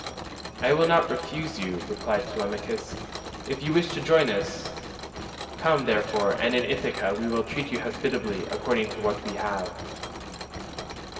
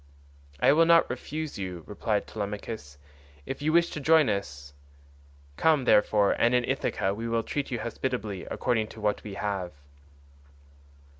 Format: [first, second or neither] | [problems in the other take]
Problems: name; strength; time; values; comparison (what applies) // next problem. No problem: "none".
second | background sound (Mechanisms); 10 dB below the speech // room echo; dies away in 2.5 s